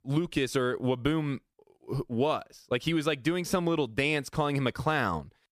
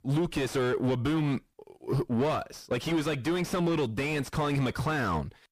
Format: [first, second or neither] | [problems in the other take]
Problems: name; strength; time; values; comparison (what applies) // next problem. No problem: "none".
first | distortion; heavy; 6 dB below the speech